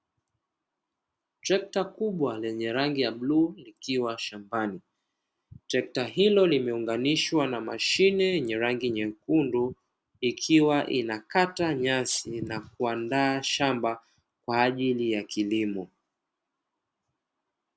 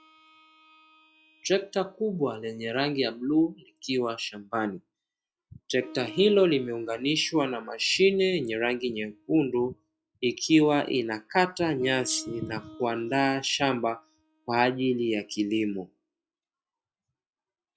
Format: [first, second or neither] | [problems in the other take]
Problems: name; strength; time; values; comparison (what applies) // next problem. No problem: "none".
first | noise reduction (classical method log-MMSE)